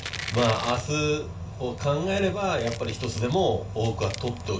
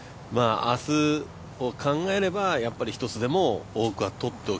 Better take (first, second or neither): second